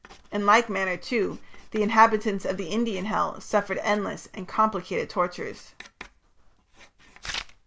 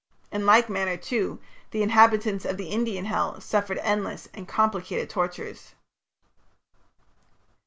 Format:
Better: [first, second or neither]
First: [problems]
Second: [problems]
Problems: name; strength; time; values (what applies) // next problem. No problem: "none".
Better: second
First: background sound (Writing); 20 dB below the speech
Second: none